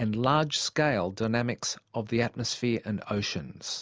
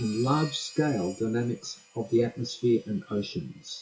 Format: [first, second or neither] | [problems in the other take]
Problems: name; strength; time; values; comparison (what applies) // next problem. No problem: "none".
first | noise reduction (classical method WPE with log-MMSE)